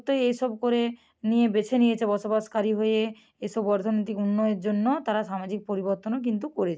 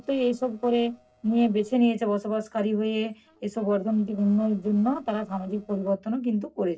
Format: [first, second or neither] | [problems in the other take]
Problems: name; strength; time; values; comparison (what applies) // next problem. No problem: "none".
first | noise reduction (neural separator model SepFormer DNS4)